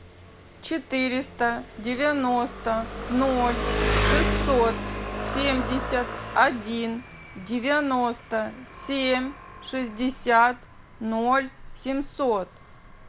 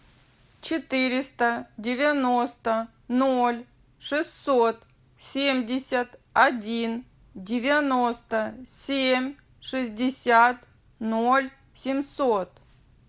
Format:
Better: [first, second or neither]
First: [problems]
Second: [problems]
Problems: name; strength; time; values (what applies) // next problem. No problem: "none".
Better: second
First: background sound (Engine); 5 dB below the speech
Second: none